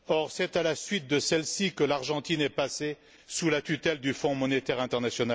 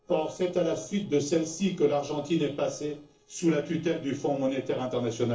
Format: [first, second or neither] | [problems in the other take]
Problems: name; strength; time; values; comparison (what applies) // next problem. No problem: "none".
first | noise reduction (neural separator model SepFormer DNS4)